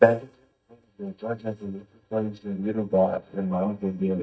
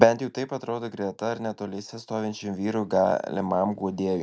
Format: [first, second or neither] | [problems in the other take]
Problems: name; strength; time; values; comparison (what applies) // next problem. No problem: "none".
second | noise reduction (neural mask model DeepFilterNet 3)